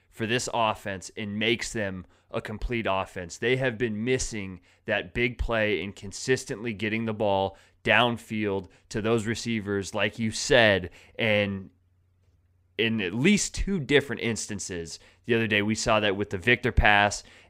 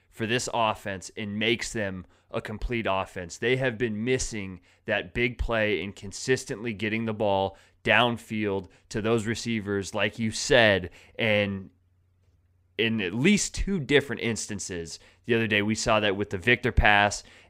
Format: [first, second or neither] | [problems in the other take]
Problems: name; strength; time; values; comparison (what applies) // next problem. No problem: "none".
neither | none